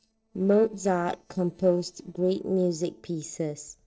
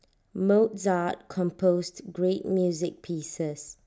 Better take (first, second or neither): second